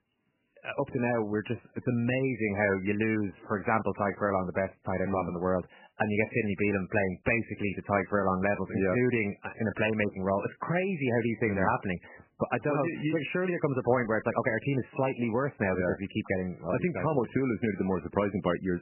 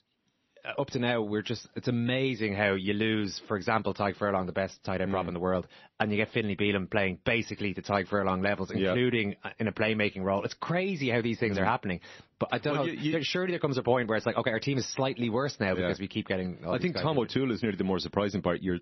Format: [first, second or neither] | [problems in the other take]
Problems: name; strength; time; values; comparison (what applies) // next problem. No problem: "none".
second | garbled, watery; badly; nothing above 3 kHz; slightly in the second